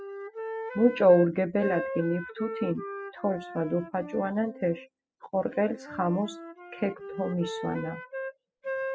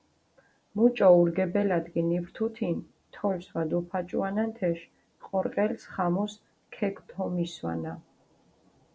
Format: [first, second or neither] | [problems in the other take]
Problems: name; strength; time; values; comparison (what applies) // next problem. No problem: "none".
second | noise reduction (classical method spectral subtraction)